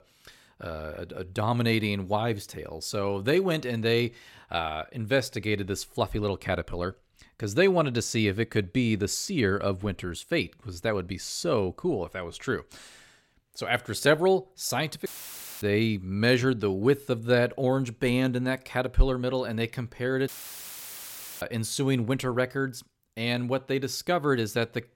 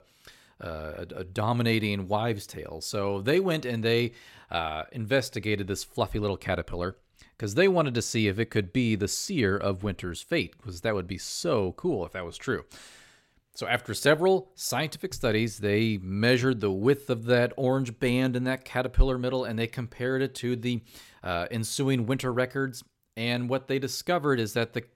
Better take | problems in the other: second | audio cutting out; filled with static; at 15 s for 0.5 s and at 20 s for 1 s

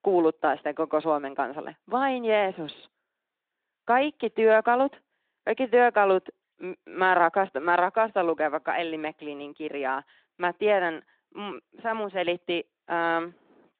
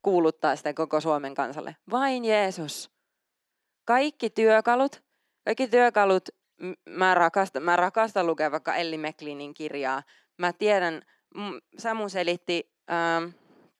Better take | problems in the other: second | phone-call audio; nothing above 3.5 kHz

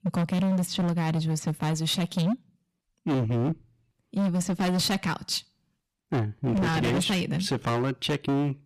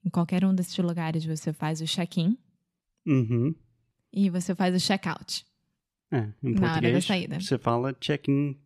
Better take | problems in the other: second | distortion; heavy; 22% of the sound clipped

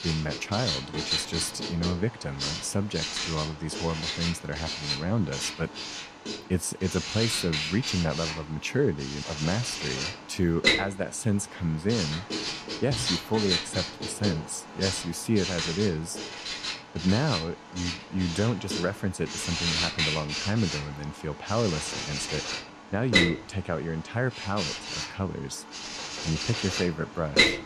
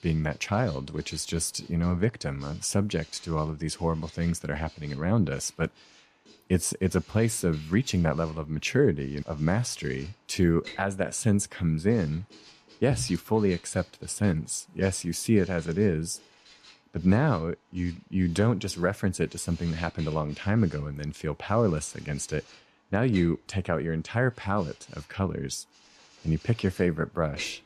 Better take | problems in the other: second | household noises; loud; throughout; as loud as the speech; faint in the second

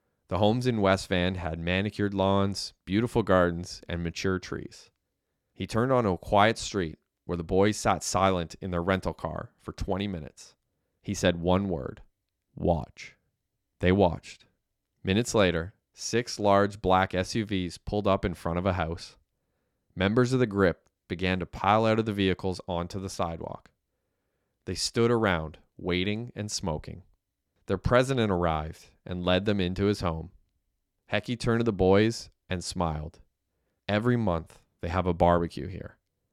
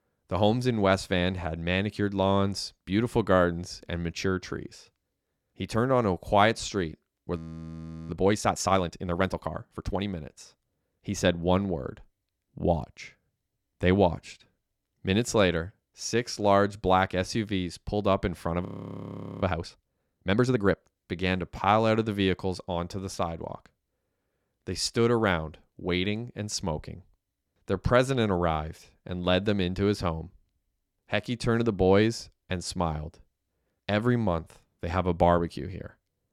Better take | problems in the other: first | audio freezing; at 7.5 s for 0.5 s and at 19 s for 1 s

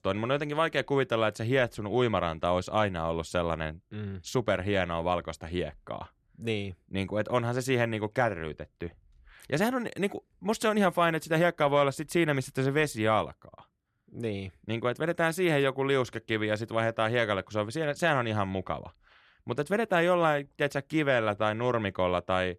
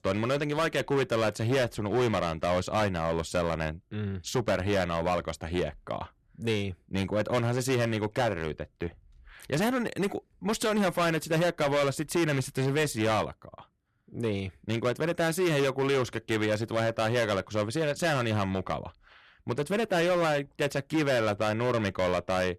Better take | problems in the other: first | distortion; heavy; 12% of the sound clipped

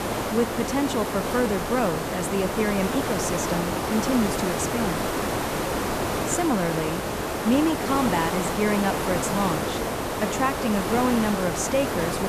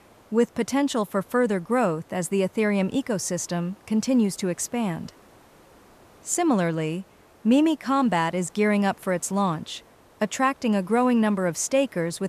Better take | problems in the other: second | hiss; loud; throughout; 1 dB below the speech; faint in the second

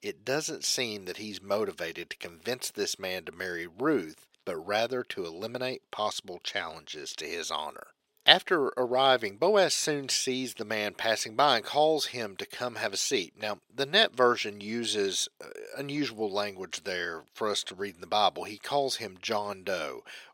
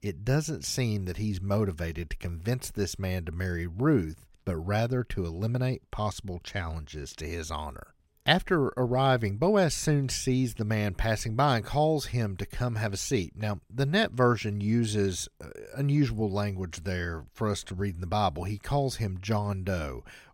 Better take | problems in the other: second | thin; somewhat; fading below 450 Hz

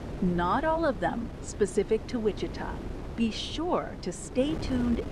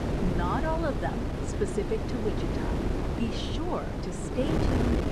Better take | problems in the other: first | wind noise on the microphone; heavy; 1 dB below the speech; occasional gusts in the first

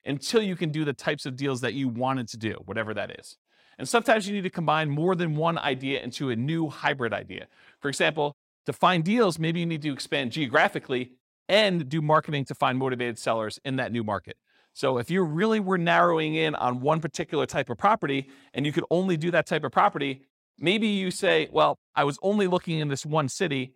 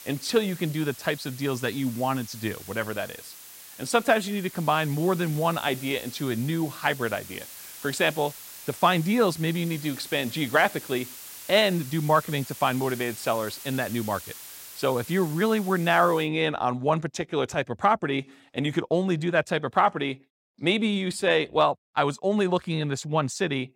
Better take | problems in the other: first | hiss; noticeable; until 16 s; 15 dB below the speech

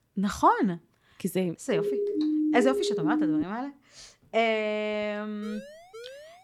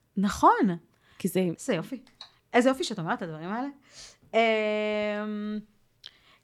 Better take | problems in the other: second | siren; loud; from 1.5 to 3.5 s; peak 3 dB above the speech // siren; faint; from 5.5 s on; peak 15 dB below the speech

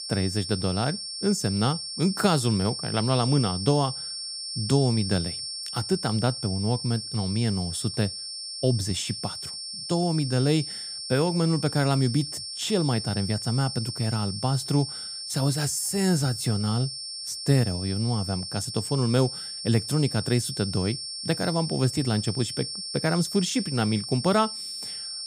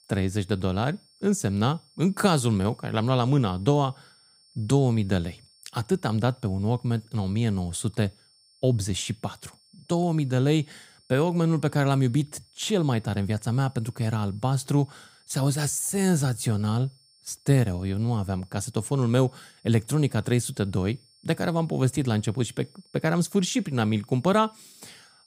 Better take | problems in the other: second | high-pitched whine; loud; throughout; 5.5 kHz, 6 dB below the speech; faint in the second

